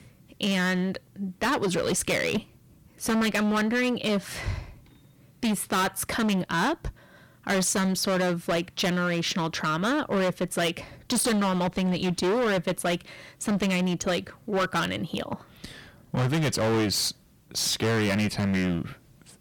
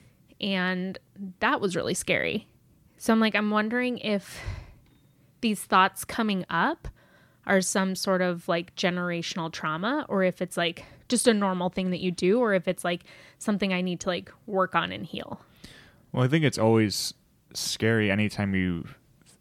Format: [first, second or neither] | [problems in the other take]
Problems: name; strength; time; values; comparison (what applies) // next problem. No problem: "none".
second | distortion; heavy; 19% of the sound clipped